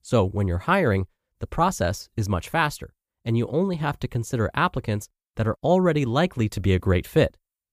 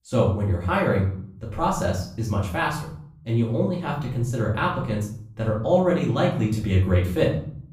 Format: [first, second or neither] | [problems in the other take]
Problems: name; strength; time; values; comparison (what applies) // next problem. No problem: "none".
first | room echo; noticeable; dies away in 0.5 s // off-mic speech; far